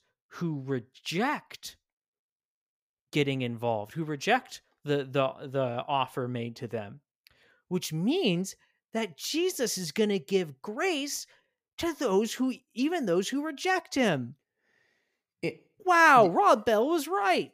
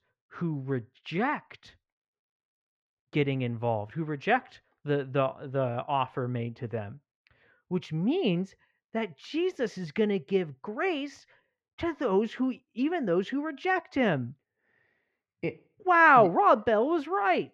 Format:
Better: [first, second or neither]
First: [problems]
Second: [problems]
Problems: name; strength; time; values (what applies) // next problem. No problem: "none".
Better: first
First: none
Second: muffled; very; fading above 2 kHz